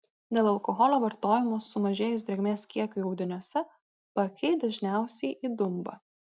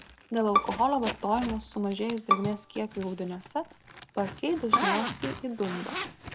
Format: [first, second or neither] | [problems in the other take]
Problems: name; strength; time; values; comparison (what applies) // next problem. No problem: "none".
first | background sound (Zipper (clothing) + Bowed string instrument); 2 dB below the speech